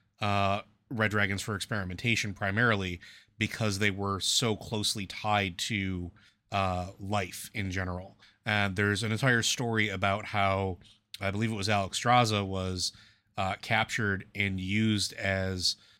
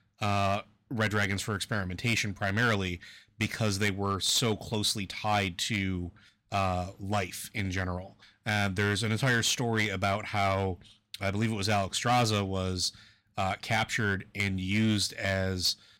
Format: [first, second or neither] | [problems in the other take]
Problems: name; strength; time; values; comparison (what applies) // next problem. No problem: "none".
first | distortion; slight; 4% of the sound clipped